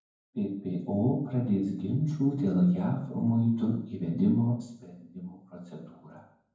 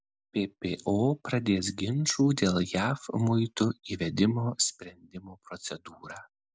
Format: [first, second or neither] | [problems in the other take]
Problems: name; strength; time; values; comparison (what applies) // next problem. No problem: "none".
second | room echo; dies away in 0.9 s